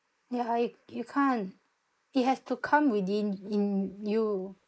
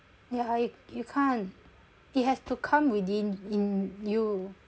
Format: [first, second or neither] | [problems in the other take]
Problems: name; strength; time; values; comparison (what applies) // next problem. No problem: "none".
second | noise reduction (neural mask model Resemble Enhance denoiser)